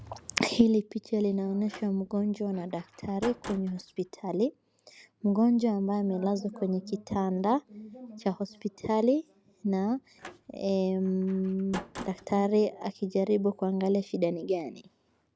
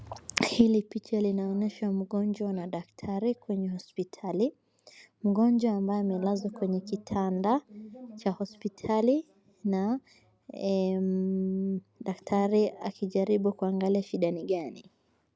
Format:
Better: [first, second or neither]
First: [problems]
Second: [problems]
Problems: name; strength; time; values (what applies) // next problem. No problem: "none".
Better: second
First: background sound (Slam); 16 dB below the speech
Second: none